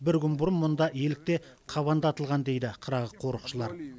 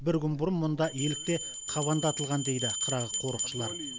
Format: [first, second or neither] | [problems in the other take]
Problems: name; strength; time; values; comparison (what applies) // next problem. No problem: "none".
first | background sound (Bell); 5 dB below the speech